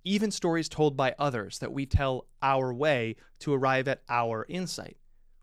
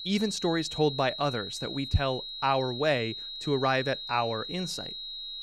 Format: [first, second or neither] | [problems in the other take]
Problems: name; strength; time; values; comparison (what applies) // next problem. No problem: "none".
first | high-pitched whine; loud; throughout; 4 kHz, 7 dB below the speech